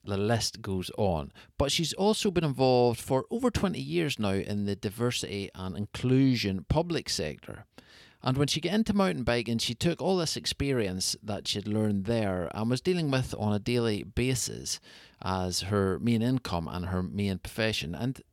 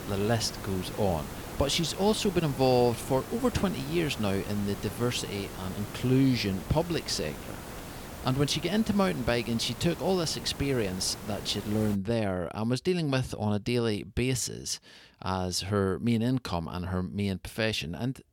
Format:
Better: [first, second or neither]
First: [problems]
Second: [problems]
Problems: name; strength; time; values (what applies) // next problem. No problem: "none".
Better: first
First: none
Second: hiss; noticeable; until 12 s; 10 dB below the speech